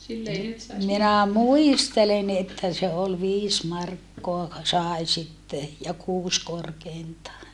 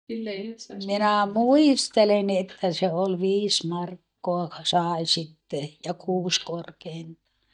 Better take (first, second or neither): first